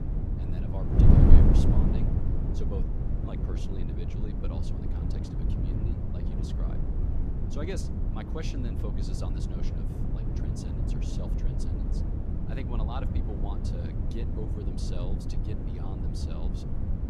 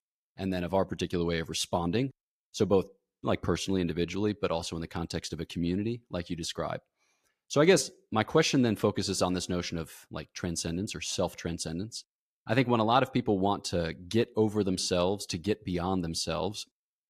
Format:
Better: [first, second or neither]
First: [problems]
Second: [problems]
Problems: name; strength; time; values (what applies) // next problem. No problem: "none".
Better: second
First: wind noise on the microphone; heavy; 5 dB above the speech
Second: none